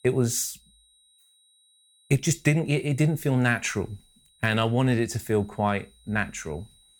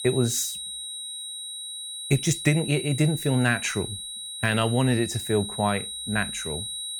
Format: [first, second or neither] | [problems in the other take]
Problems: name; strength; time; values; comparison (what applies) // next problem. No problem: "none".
first | high-pitched whine; loud; throughout; 4 kHz, 7 dB below the speech; faint in the first